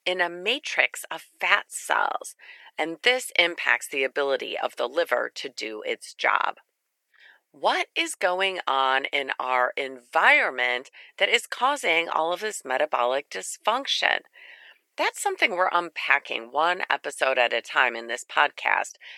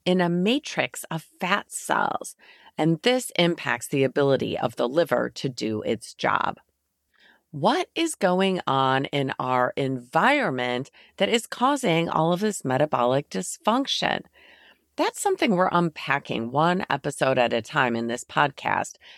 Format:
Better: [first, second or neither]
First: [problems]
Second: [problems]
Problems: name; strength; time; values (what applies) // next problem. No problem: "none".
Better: second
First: thin; very; fading below 450 Hz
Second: none